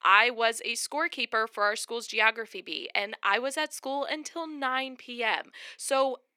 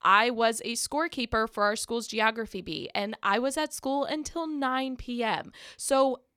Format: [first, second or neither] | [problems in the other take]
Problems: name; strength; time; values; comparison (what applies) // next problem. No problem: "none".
second | thin; somewhat; fading below 300 Hz